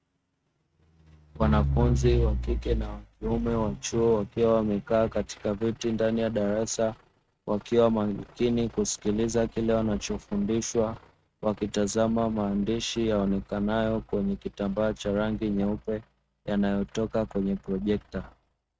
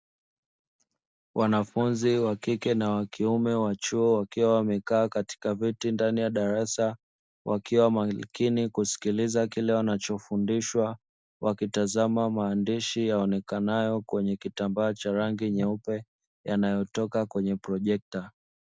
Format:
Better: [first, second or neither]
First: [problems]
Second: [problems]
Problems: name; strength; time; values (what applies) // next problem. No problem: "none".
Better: second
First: noise reduction (neural mask model RNNoise)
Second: none